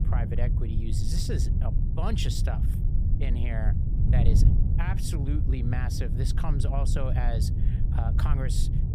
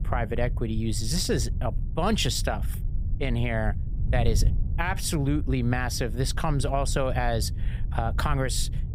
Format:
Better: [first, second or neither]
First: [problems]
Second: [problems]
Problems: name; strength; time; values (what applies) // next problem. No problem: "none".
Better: second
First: wind noise on the microphone; heavy; 3 dB below the speech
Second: wind noise on the microphone; occasional gusts; 15 dB below the speech